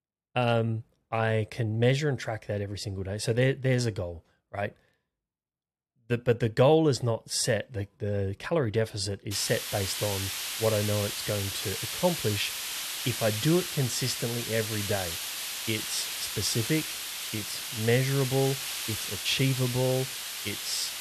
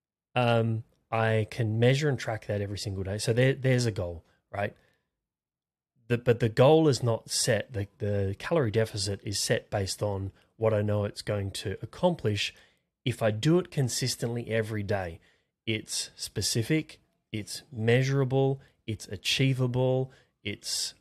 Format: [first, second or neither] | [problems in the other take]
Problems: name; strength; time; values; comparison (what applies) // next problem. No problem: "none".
second | hiss; loud; from 9.5 s on; 3 dB below the speech